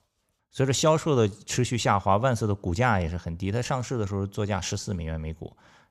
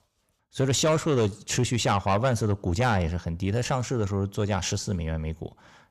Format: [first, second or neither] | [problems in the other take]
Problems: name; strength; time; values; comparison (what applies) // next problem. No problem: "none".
first | distortion; slight; 10 dB below the speech